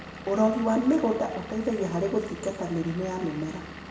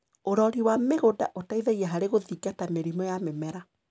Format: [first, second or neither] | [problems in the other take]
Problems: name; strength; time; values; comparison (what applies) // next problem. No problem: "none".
second | background sound (Engine / Vehicle); 14 dB below the speech // room echo; dies away in 0.9 s